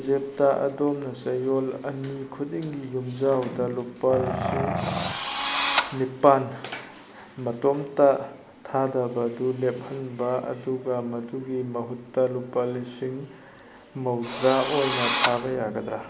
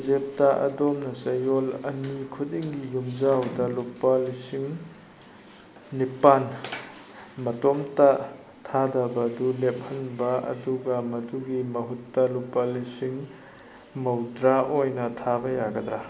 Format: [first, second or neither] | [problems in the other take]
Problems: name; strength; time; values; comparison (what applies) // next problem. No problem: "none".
second | background sound (Drill + Growling); 1 dB below the speech